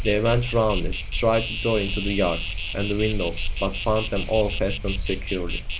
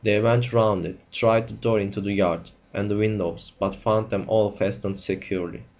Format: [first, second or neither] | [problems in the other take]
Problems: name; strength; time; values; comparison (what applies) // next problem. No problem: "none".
second | background sound (Insect); 2 dB below the speech